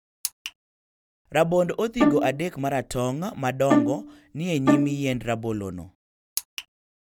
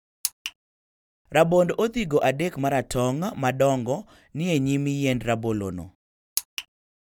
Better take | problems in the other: second | background sound (Bowed string instrument); 3 dB above the speech

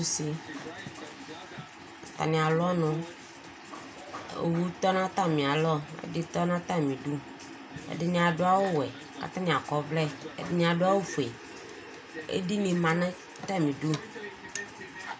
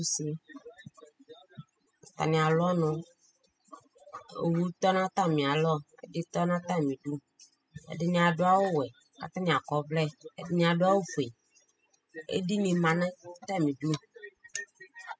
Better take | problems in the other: first | noise reduction (classical method spectral subtraction)

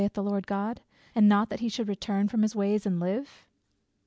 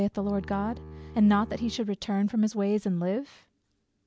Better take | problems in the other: first | background sound (Bowed string instrument); 15 dB below the speech

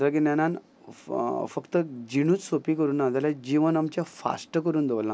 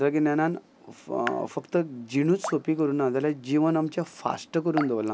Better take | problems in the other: first | background sound (Raindrop / Drip); 16 dB below the speech

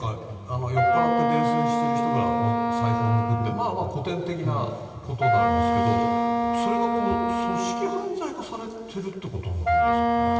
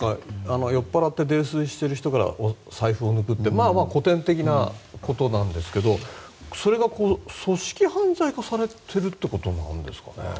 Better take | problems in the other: second | background sound (Wind instrument, woodwind instrument); 4 dB above the speech // room echo; dies away in 2.5 s

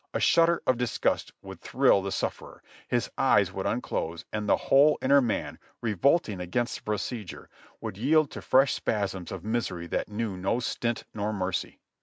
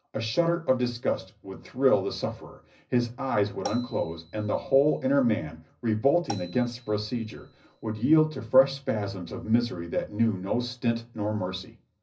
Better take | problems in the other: first | background sound (Marimba, xylophone); 18 dB below the speech // room echo; dies away in 0.4 s

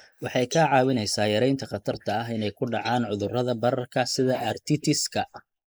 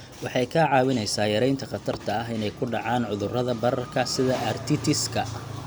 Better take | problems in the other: second | noise reduction (neural mask model Resemble Enhance denoiser)

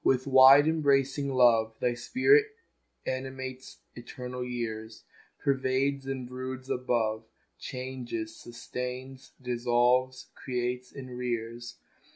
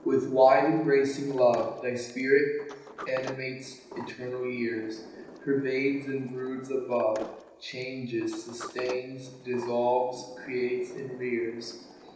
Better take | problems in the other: first | background sound (Sliding door); 17 dB below the speech // room echo; dies away in 0.9 s

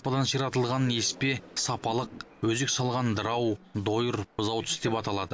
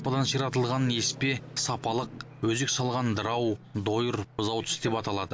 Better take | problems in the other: first | background sound (Guitar); 17 dB below the speech

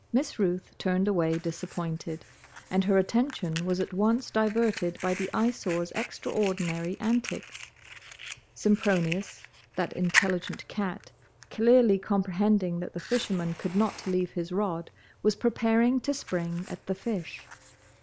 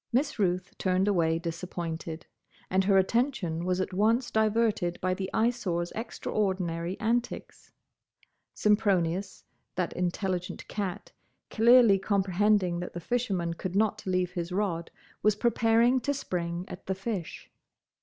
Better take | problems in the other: second | background sound (Fire); 13 dB below the speech

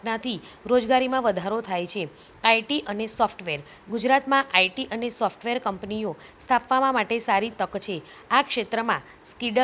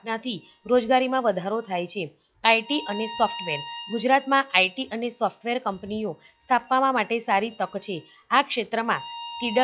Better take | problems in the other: first | noise reduction (classical method log-MMSE)

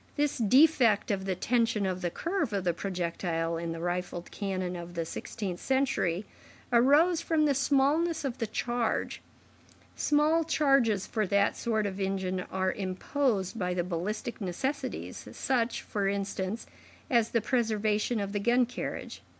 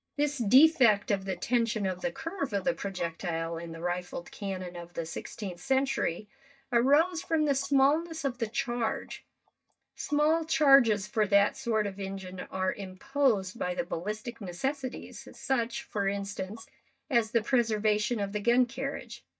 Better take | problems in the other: first | noise reduction (neural mask model DeepFilterNet 3)

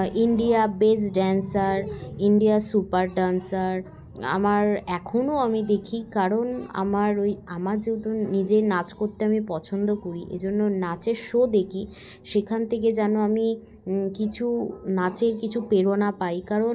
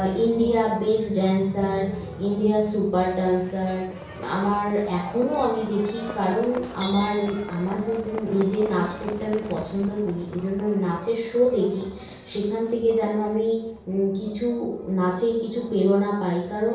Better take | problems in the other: first | background sound (Livestock, farm animals, working animals); 17 dB below the speech // room echo; dies away in 0.7 s

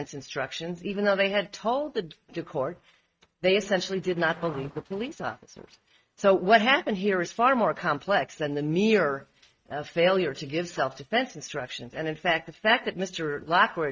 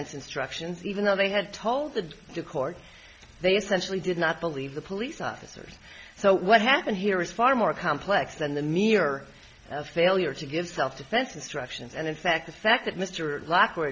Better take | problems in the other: second | noise reduction (neural mask model RNNoise)

